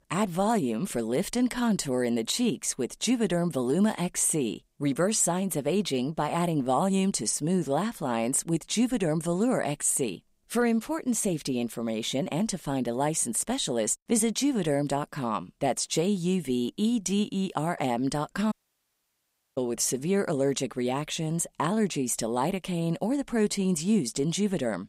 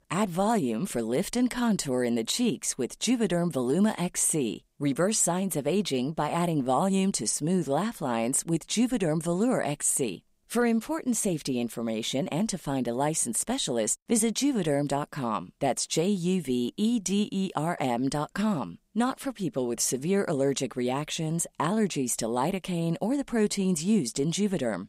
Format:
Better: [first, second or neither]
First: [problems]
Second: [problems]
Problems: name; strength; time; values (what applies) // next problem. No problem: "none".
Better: second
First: audio cutting out; at 19 s for 1 s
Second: none